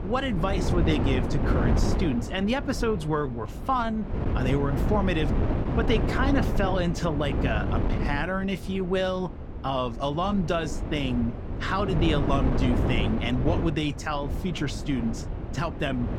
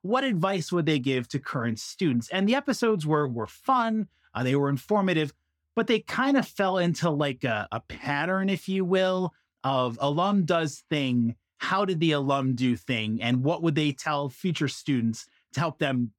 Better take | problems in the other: second | wind noise on the microphone; heavy; 6 dB below the speech

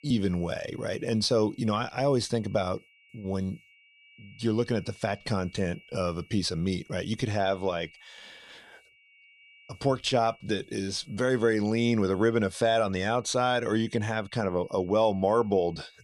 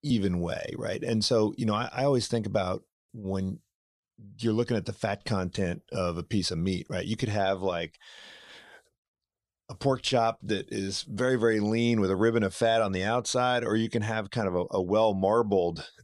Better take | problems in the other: second | high-pitched whine; faint; throughout; 2.5 kHz, 30 dB below the speech

